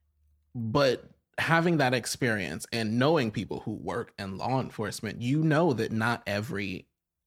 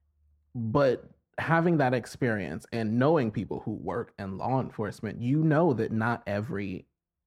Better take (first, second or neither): first